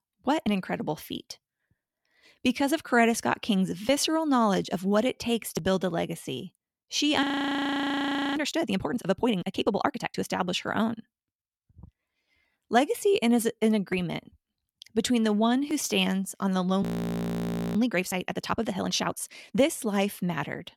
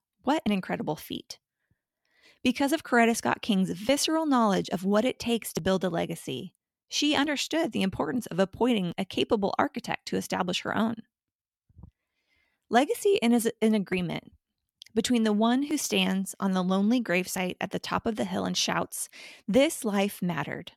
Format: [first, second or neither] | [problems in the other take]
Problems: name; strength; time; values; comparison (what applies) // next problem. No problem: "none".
second | audio freezing; at 7 s for 1 s and at 17 s for 1 s